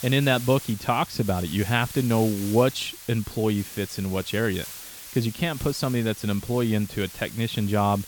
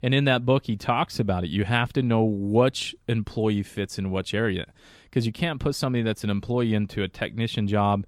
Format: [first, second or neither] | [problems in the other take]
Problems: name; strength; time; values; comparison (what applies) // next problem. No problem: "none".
second | hiss; noticeable; throughout; 15 dB below the speech